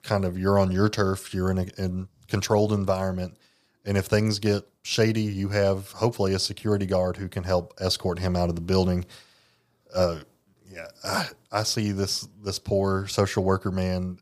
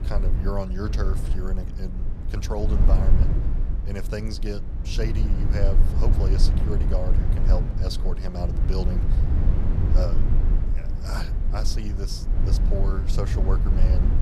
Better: first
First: none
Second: low rumble; loud; throughout; 4 dB below the speech

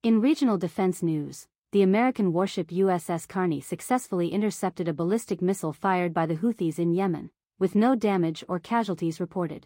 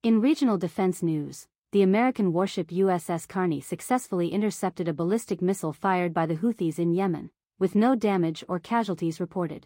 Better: neither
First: none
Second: none

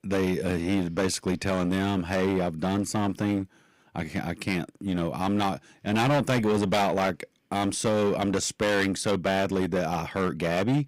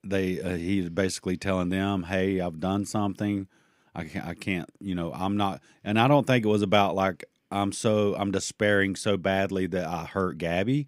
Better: second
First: distortion; heavy; 13% of the sound clipped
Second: none

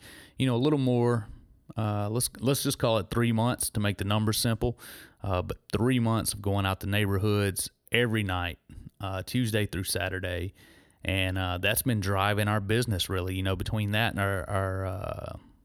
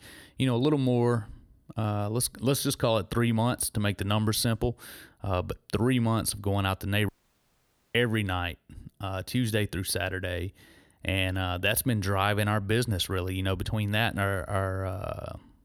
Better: first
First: none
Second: audio cutting out; at 7 s for 1 s

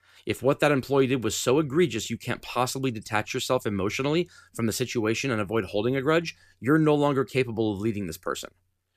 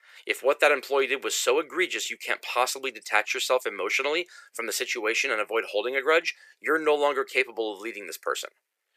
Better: first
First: none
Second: thin; very; fading below 450 Hz

